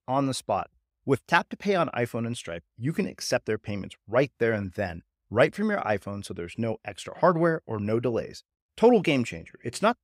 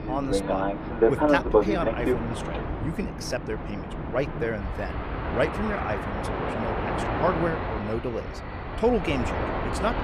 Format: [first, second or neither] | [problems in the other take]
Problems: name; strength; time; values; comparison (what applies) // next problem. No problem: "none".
first | train or aircraft noise; very loud; throughout; 2 dB above the speech